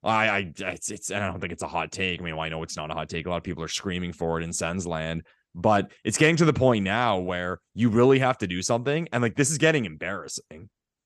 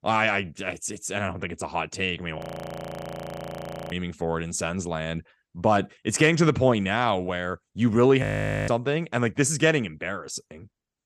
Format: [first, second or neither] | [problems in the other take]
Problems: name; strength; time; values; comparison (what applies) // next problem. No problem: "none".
first | audio freezing; at 2.5 s for 1.5 s and at 8 s